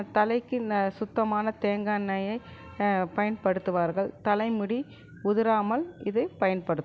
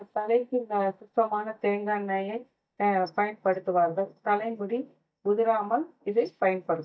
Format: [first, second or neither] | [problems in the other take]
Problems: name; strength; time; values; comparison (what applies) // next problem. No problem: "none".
first | noise reduction (neural mask model DeepFilterNet 3)